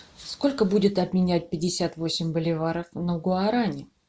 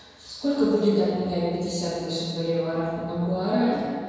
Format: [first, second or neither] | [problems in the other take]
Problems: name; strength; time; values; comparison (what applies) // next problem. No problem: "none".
first | room echo; dies away in 1.9 s